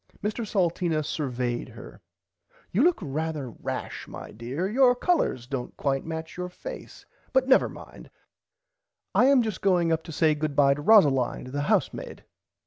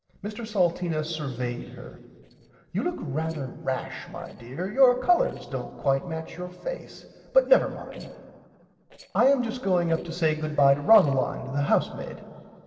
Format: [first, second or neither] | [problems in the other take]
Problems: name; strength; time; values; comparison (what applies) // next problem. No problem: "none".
first | noise reduction (neural separator model SepFormer DNS4)